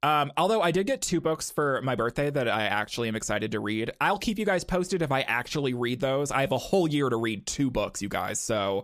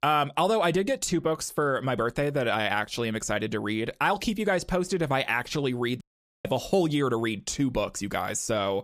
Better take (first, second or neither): first